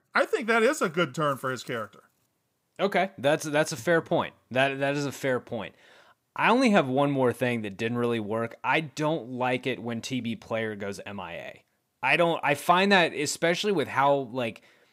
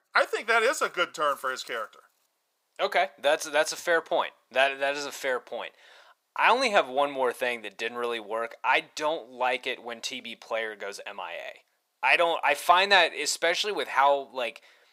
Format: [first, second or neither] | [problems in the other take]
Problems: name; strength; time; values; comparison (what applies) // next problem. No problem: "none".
first | thin; very; fading below 650 Hz